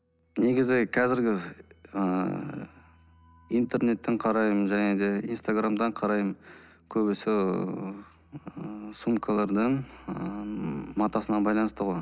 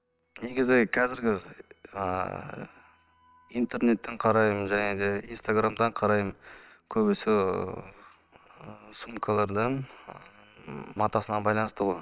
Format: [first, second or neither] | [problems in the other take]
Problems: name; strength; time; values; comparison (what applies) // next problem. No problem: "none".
first | noise reduction (neural separator model SepFormer WHAM!)